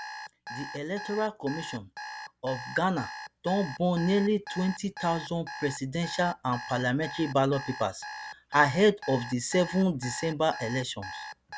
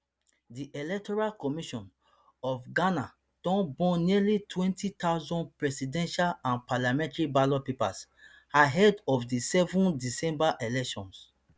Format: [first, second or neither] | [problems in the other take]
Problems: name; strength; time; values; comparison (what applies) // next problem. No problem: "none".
second | background sound (Alarm); 13 dB below the speech